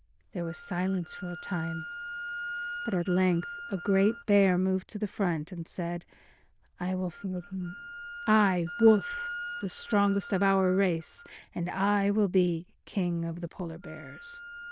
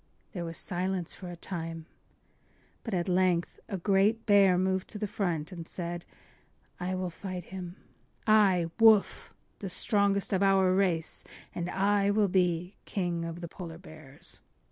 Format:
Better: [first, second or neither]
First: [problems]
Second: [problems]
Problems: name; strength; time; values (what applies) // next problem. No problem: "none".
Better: second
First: noise reduction (neural diffusion model UNIVERSE++)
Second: none